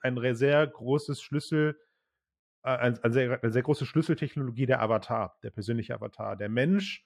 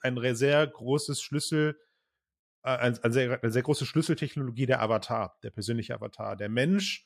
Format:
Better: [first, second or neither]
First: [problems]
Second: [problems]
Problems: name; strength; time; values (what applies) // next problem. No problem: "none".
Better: second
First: muffled; slightly; fading above 3.5 kHz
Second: none